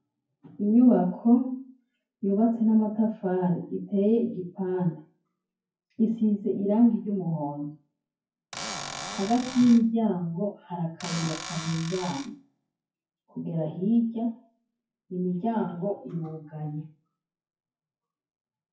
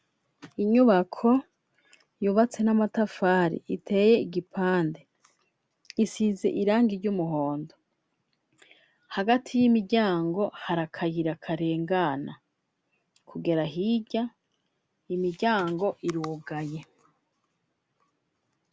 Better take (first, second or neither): second